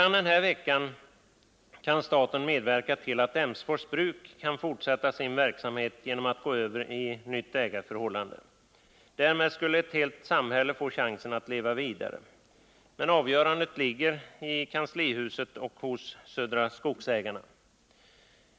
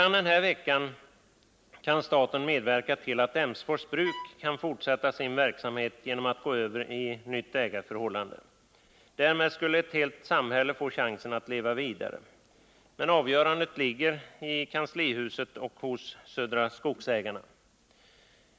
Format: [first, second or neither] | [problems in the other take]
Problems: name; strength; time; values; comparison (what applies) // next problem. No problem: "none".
first | background sound (Bowed string instrument); 12 dB below the speech